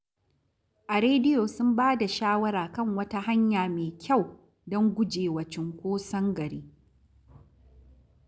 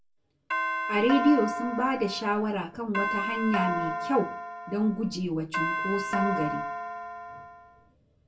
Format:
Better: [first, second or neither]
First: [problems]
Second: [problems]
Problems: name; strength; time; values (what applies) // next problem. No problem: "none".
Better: first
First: none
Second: background sound (Doorbell); 3 dB below the speech // room echo; dies away in 0.2 s